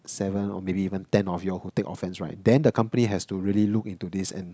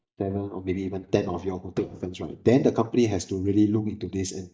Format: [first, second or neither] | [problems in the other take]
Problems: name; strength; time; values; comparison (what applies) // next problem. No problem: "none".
first | noise reduction (neural mask model DeepFilterNet 3)